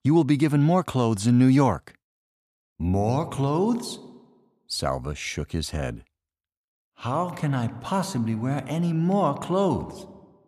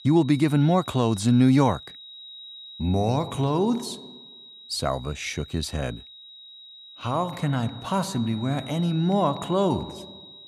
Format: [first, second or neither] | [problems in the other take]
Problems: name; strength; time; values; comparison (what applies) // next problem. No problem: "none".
first | high-pitched whine; noticeable; throughout; 4 kHz, 20 dB below the speech